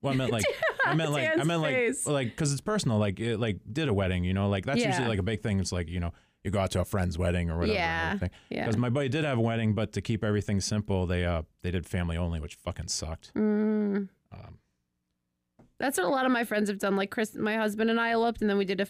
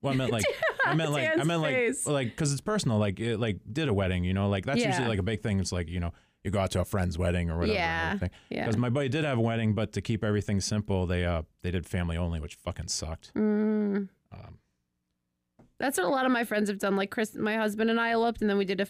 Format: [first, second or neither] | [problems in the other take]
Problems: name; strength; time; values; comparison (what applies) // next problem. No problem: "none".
neither | none